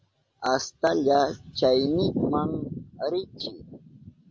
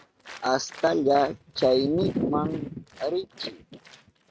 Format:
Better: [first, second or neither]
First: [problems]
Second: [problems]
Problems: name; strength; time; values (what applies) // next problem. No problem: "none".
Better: first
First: none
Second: noise reduction (neural mask model RNNoise)